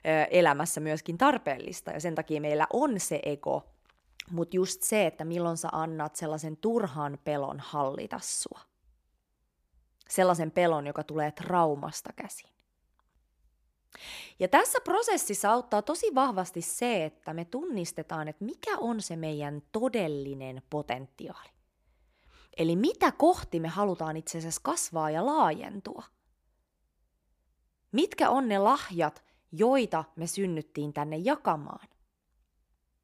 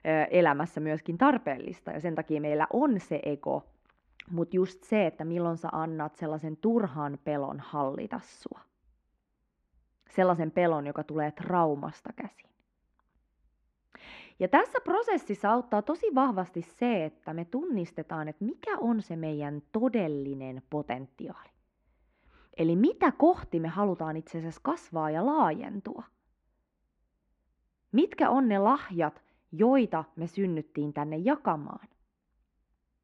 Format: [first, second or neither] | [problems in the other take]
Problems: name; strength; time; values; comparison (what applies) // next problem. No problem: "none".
first | muffled; very; fading above 2 kHz